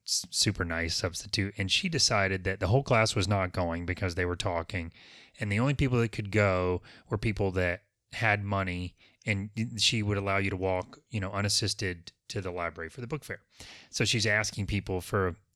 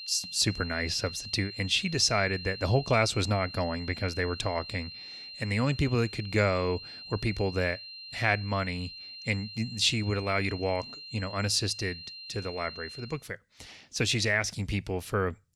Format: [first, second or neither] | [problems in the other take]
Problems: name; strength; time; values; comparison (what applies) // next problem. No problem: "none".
first | high-pitched whine; noticeable; until 13 s; 4 kHz, 10 dB below the speech